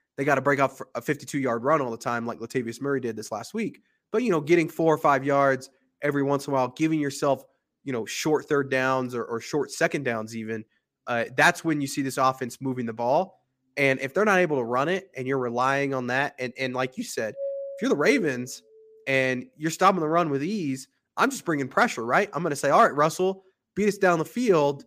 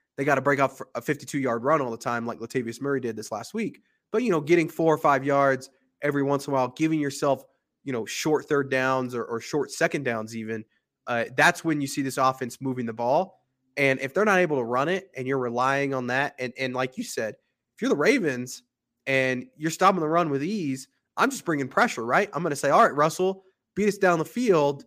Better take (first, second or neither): second